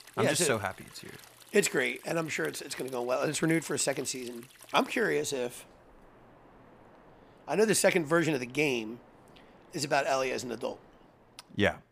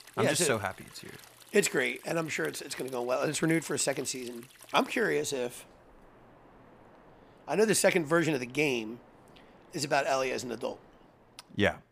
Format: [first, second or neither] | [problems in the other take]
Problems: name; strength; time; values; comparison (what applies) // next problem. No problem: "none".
neither | rain or running water; faint; throughout; 25 dB below the speech; the same in both